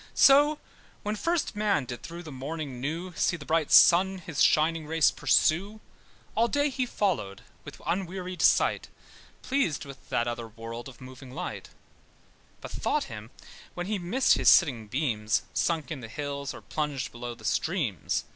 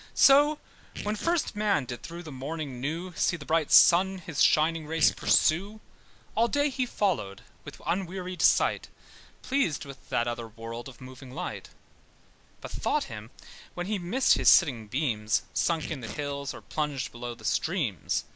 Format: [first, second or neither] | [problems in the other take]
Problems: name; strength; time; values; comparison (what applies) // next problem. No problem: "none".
first | background sound (Tearing); 16 dB below the speech